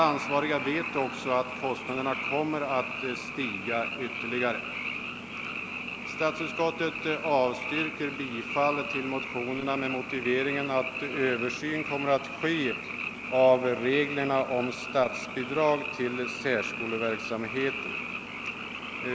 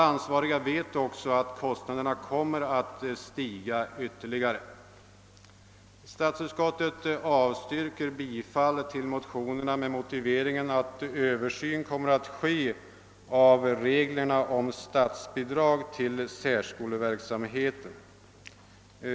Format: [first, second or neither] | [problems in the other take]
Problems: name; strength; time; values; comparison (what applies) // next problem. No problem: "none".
second | background sound (Frog); 6 dB below the speech